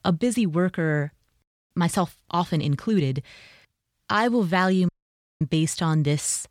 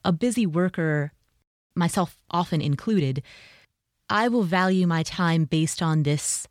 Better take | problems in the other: second | audio cutting out; at 5 s for 0.5 s

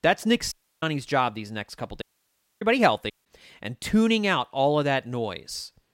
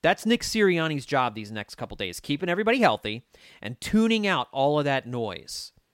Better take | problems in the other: second | audio cutting out; at 0.5 s, at 2 s for 0.5 s and at 3 s

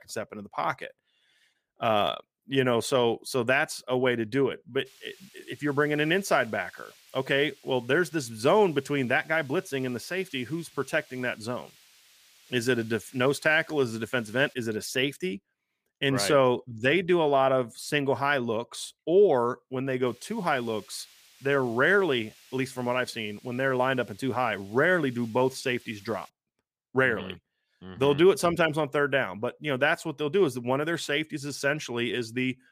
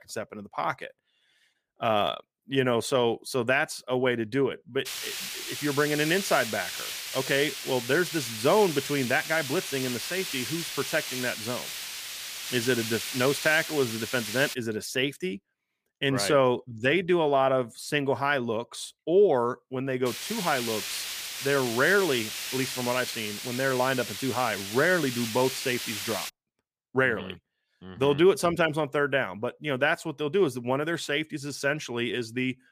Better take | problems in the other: first | hiss; loud; from 5 to 15 s and from 20 to 26 s; 6 dB below the speech; faint in the first

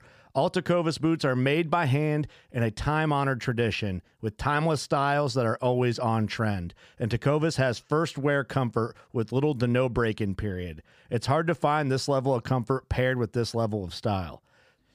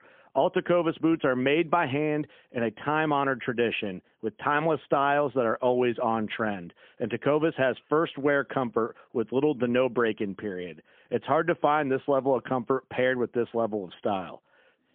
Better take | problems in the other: first | phone-call audio; poor line; nothing above 3.5 kHz

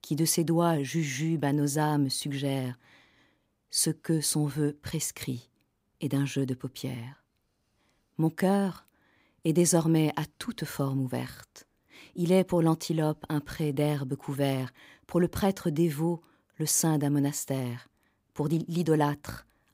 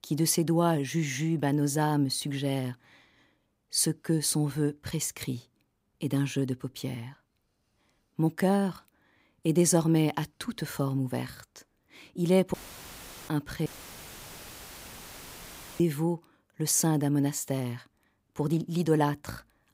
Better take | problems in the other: first | audio cutting out; filled with static; at 13 s for 1 s and at 14 s for 2 s

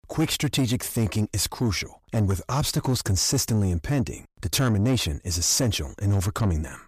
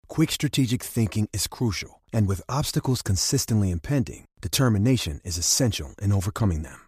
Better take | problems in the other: second | distortion; slight; 10 dB below the speech

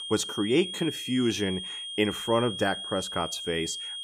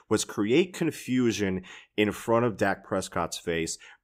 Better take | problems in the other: second | high-pitched whine; loud; throughout; 3.5 kHz, 5 dB below the speech

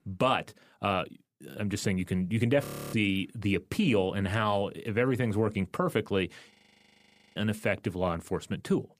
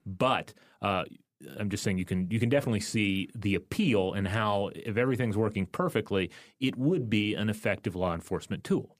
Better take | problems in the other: second | audio freezing; at 2.5 s and at 6.5 s for 1 s

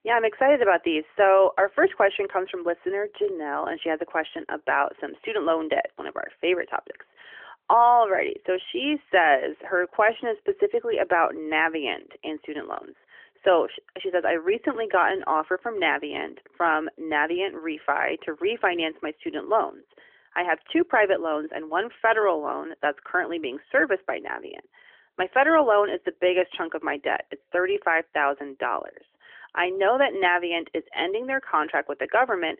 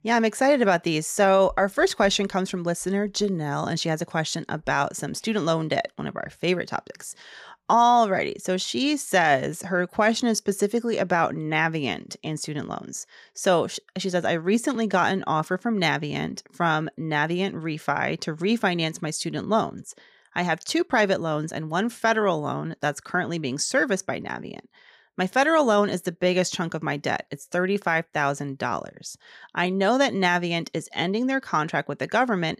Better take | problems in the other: second | phone-call audio; nothing above 3.5 kHz

